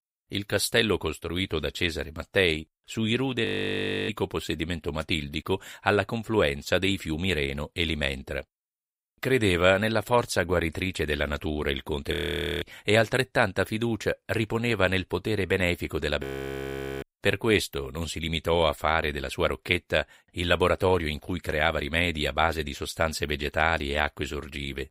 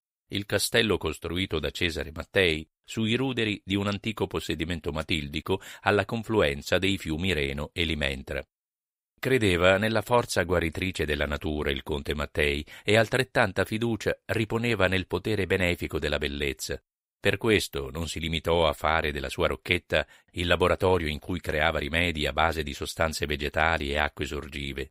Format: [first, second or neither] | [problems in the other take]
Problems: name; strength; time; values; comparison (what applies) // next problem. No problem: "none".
second | audio freezing; at 3.5 s for 0.5 s, at 12 s and at 16 s for 1 s